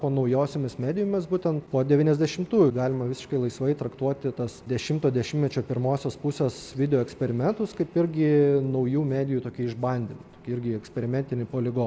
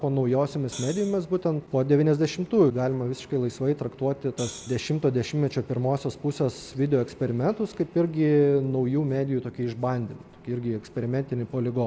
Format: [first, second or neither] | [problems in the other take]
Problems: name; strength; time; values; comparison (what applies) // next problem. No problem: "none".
first | background sound (Hi-hat); 16 dB below the speech